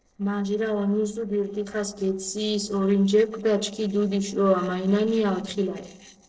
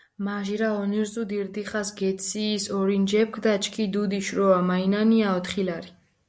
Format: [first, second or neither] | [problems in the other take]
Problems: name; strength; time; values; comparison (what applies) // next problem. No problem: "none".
second | noise reduction (neural separator model SepFormer DNS4)